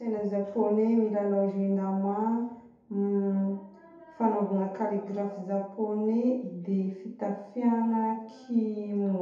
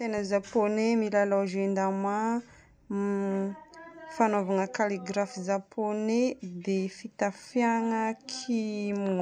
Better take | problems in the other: second | room echo; dies away in 0.8 s

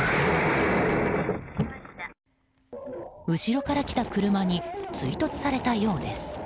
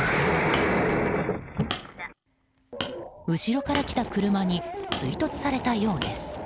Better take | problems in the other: first | background sound (Hammer); 13 dB below the speech

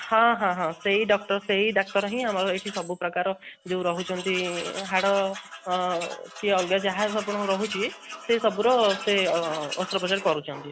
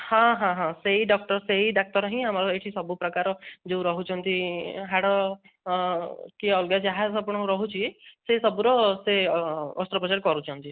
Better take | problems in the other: second | background sound (Tools); 14 dB below the speech

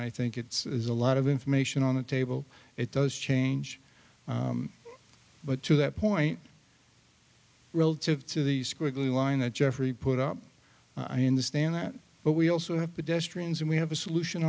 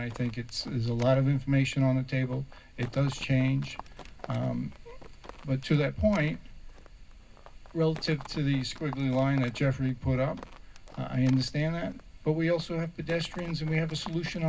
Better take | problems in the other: first | background sound (Livestock, farm animals, working animals); 16 dB below the speech // room echo; dies away in 0.4 s

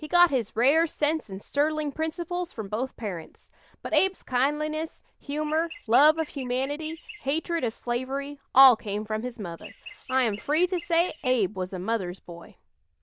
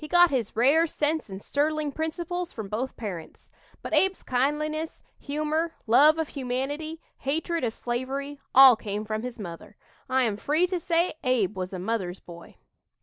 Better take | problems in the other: second | noise reduction (neural diffusion model UNIVERSE++)

